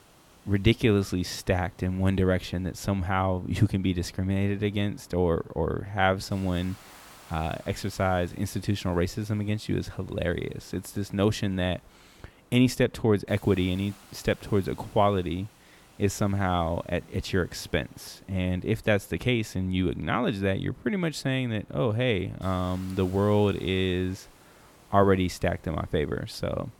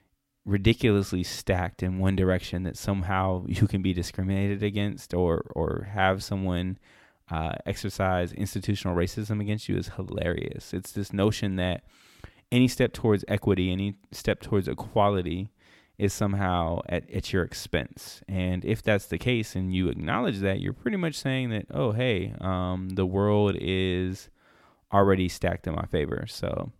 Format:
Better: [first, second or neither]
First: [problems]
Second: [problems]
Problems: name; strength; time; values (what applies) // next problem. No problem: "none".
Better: second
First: hiss; faint; throughout; 25 dB below the speech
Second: none